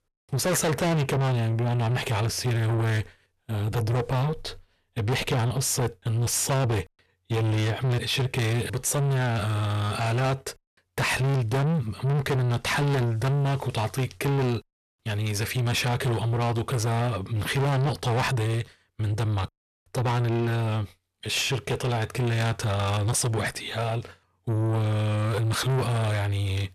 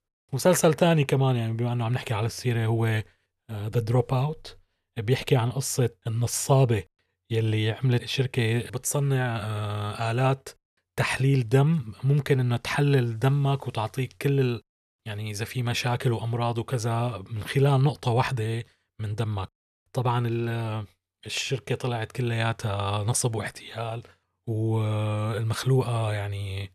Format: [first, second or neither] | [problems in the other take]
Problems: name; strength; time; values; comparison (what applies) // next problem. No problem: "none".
second | distortion; heavy; 6 dB below the speech